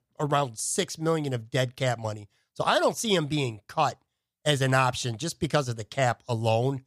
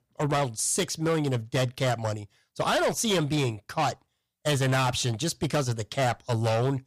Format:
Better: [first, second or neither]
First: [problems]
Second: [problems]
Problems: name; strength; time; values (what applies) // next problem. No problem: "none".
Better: first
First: none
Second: distortion; heavy; 7 dB below the speech